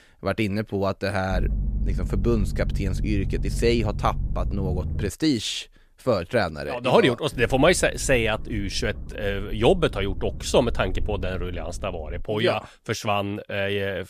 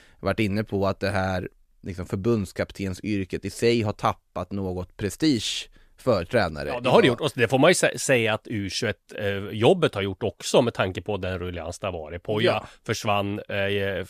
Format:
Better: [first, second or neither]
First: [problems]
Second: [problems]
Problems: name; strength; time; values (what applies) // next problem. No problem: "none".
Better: second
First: low rumble; faint; from 1.5 to 5 s and from 7.5 to 12 s; 20 dB below the speech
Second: none